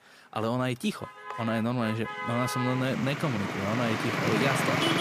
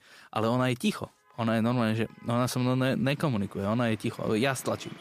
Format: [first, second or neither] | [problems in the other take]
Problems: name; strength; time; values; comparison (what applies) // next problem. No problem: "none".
second | traffic noise; loud; throughout; 1 dB below the speech; faint in the second